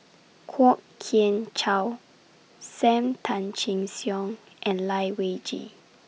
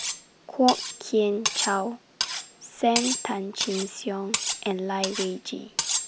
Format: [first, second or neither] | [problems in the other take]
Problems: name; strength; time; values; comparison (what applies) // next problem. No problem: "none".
first | background sound (Cutlery, silverware); 4 dB below the speech